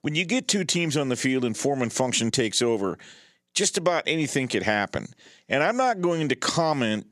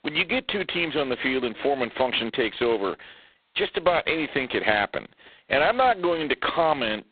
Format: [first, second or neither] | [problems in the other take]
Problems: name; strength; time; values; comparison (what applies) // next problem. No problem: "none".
first | phone-call audio; poor line; nothing above 4 kHz